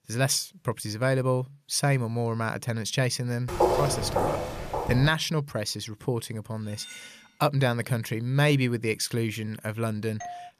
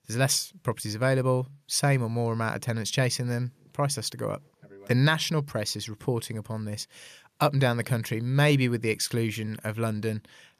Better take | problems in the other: second | footsteps; loud; from 3.5 to 5 s; peak 3 dB above the speech // clattering dishes; faint; at 6.5 s; peak 15 dB below the speech // doorbell; faint; at 10 s; peak 10 dB below the speech

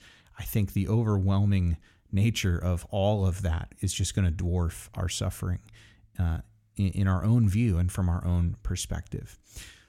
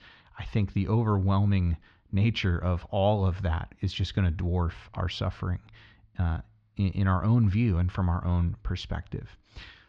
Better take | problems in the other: first | muffled; slightly; fading above 4.5 kHz

